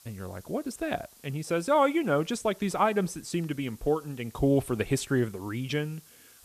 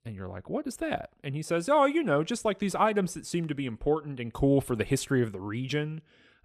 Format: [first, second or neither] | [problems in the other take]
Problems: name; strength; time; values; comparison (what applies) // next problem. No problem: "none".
second | hiss; faint; throughout; 25 dB below the speech